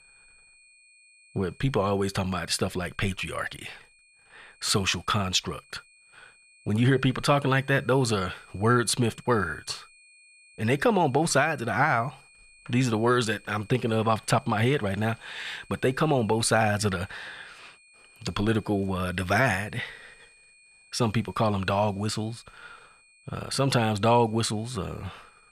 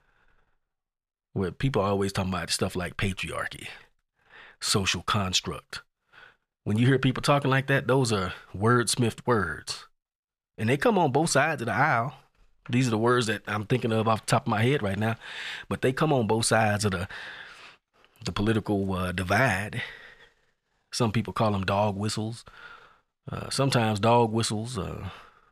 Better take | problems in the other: second | high-pitched whine; faint; throughout; 2.5 kHz, 30 dB below the speech

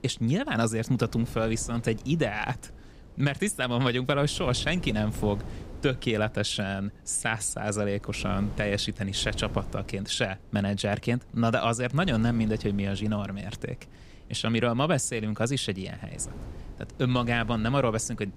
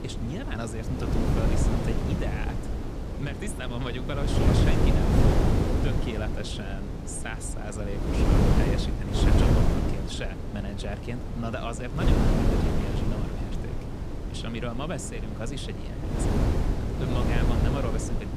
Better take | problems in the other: first | wind noise on the microphone; heavy; 3 dB above the speech; occasional gusts in the first

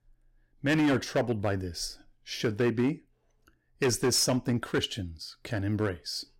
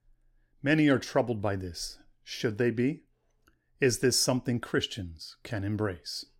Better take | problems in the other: second | distortion; slight; 5% of the sound clipped

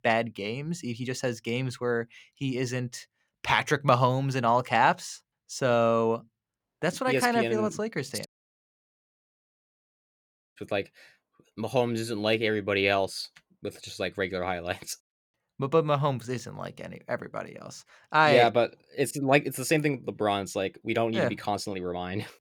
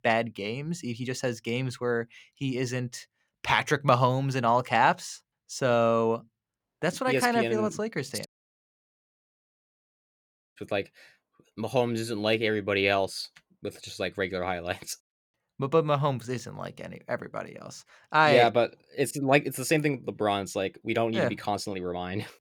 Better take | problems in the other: neither | audio cutting out; at 8.5 s for 2.5 s; the same in both

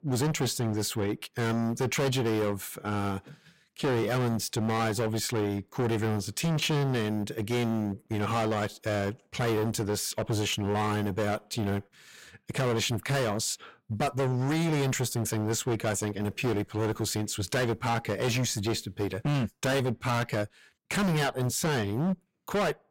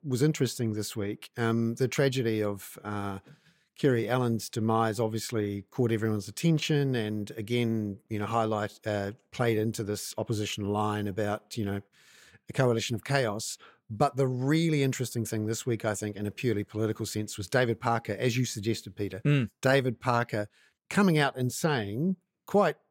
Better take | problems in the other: second | distortion; heavy; 21% of the sound clipped

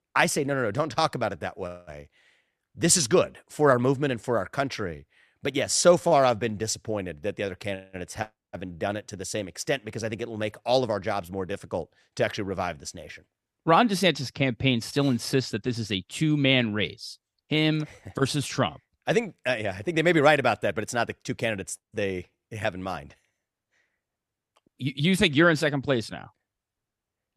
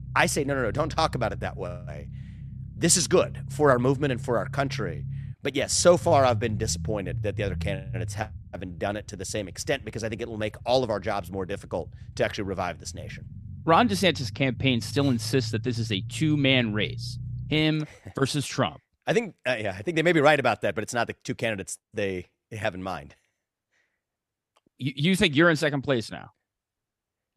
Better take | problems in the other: first | low rumble; faint; until 18 s; 25 dB below the speech

